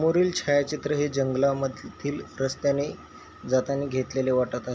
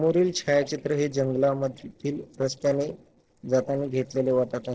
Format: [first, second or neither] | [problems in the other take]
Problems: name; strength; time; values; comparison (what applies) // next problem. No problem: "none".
first | noise reduction (neural separator model SepFormer DNS4)